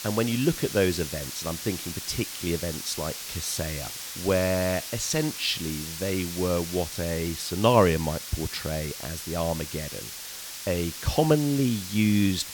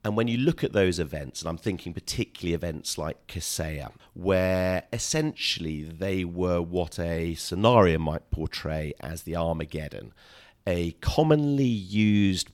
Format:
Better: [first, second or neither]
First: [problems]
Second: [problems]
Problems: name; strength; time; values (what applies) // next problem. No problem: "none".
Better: second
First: hiss; loud; throughout; 7 dB below the speech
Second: none